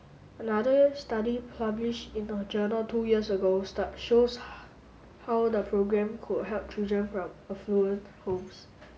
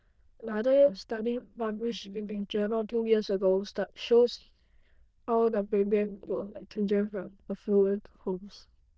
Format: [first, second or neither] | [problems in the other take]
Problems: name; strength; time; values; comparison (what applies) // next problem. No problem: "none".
first | noise reduction (neural diffusion model UNIVERSE++)